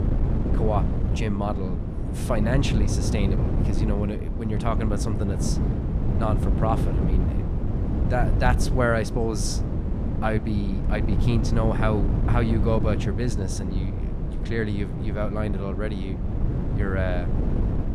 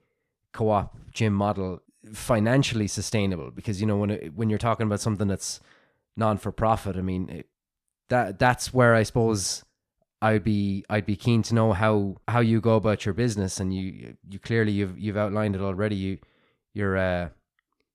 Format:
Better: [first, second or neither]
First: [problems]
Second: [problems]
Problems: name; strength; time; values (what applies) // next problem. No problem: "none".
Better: second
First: wind noise on the microphone; heavy; 6 dB below the speech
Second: none